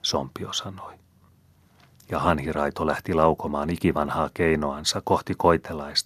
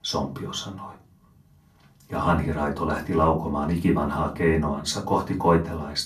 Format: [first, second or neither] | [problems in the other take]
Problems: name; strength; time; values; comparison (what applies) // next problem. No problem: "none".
first | off-mic speech; far // room echo; very slight; dies away in 0.3 s